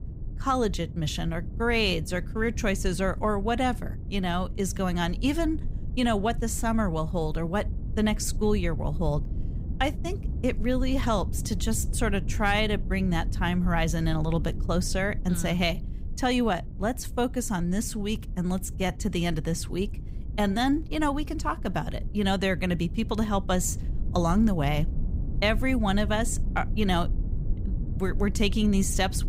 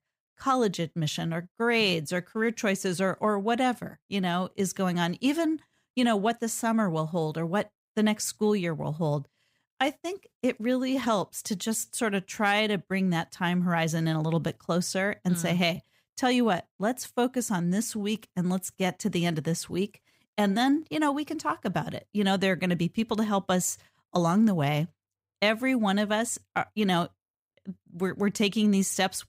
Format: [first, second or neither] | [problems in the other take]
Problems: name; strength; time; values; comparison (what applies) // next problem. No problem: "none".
second | low rumble; noticeable; throughout; 20 dB below the speech